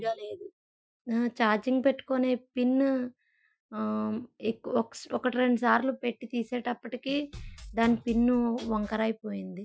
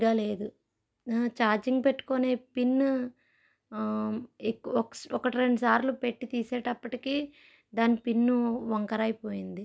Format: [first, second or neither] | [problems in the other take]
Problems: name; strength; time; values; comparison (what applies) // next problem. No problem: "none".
second | noise reduction (classical method Wiener filter)